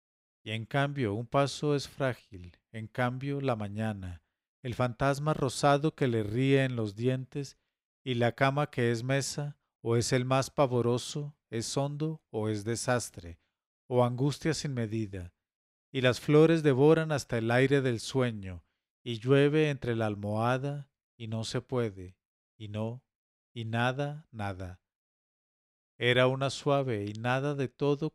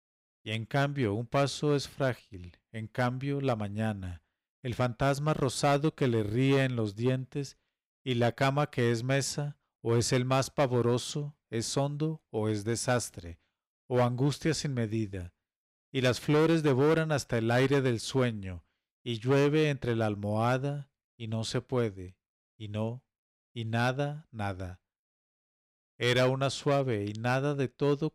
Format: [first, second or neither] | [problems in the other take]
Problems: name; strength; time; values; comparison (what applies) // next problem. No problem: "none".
first | distortion; slight; 4% of the sound clipped